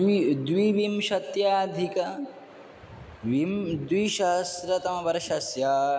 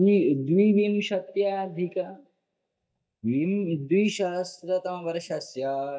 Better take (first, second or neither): first